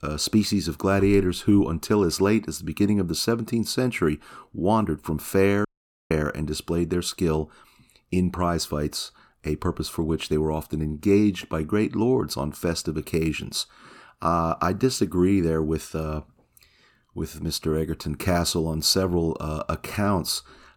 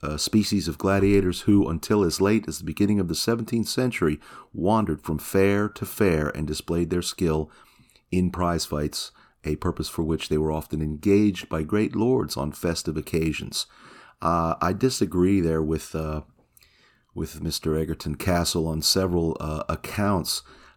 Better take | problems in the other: second | audio cutting out; at 5.5 s

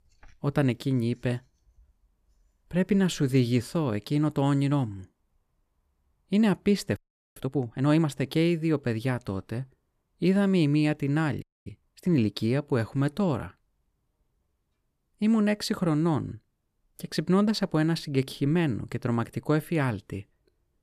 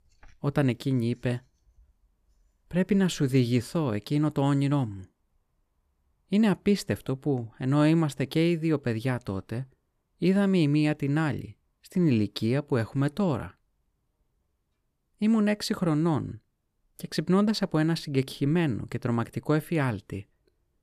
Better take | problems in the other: second | audio freezing; at 7 s and at 11 s

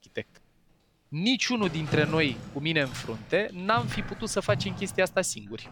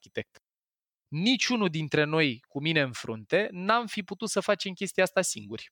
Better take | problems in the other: second | household noises; loud; throughout; 9 dB below the speech

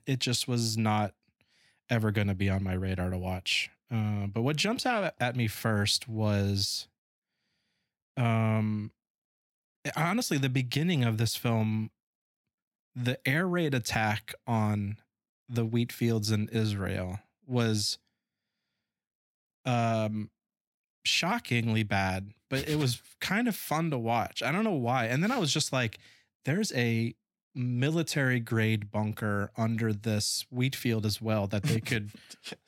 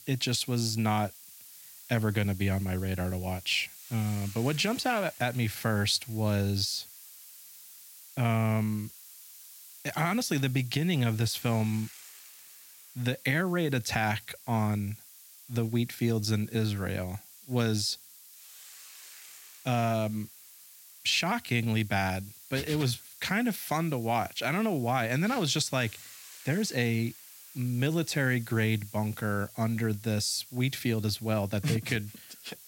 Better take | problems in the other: first | hiss; noticeable; throughout; 20 dB below the speech

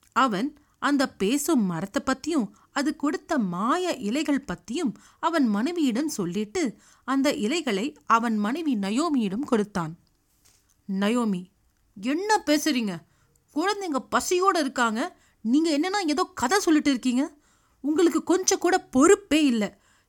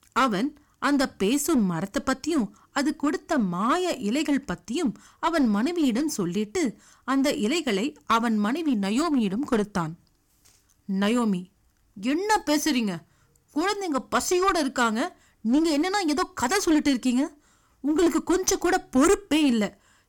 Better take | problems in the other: first | distortion; slight; 6% of the sound clipped

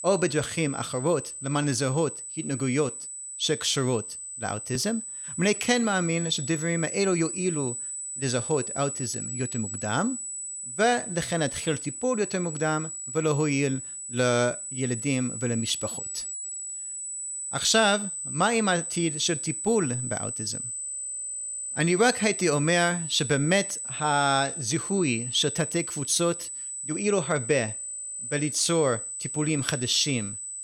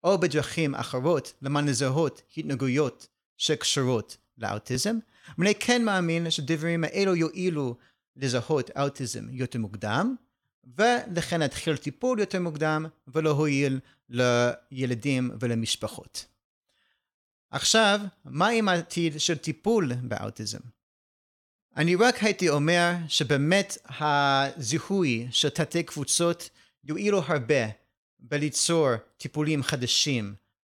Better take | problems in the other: second | high-pitched whine; loud; throughout; 8 kHz, 6 dB below the speech

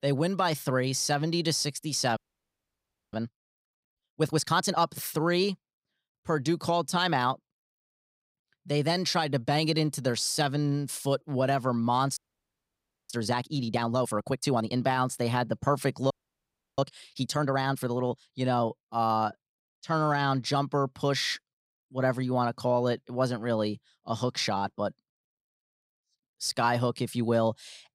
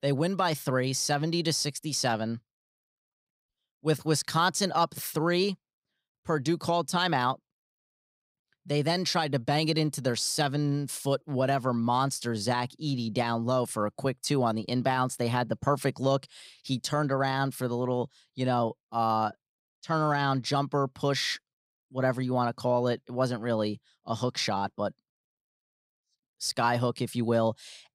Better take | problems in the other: second | audio freezing; at 2 s for 1 s, at 12 s for 1 s and at 16 s for 0.5 s

